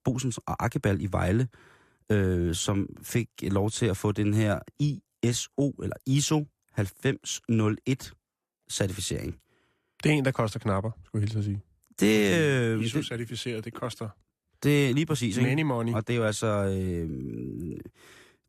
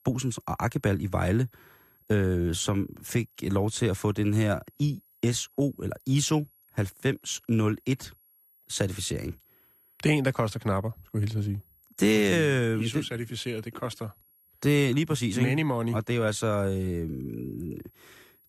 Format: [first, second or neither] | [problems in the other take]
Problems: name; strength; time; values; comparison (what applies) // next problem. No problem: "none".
first | high-pitched whine; faint; throughout; 11.5 kHz, 30 dB below the speech